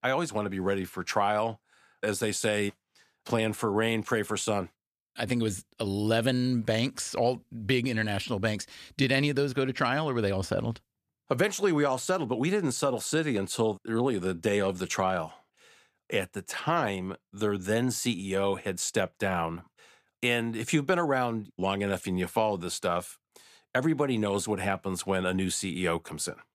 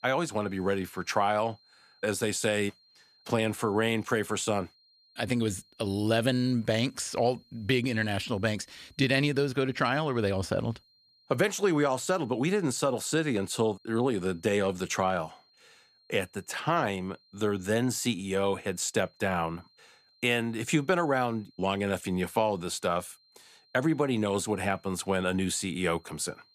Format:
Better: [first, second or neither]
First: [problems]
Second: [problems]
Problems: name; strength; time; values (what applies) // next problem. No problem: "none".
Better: first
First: none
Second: high-pitched whine; faint; throughout; 4 kHz, 35 dB below the speech